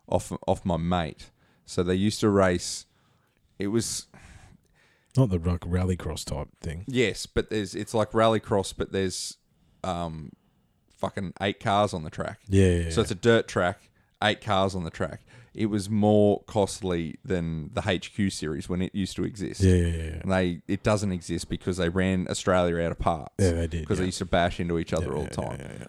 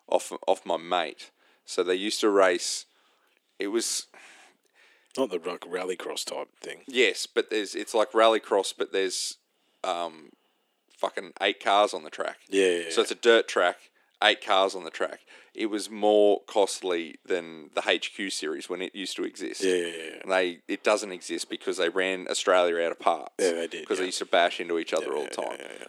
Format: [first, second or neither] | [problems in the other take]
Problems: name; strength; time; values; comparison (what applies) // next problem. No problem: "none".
first | thin; very; fading below 300 Hz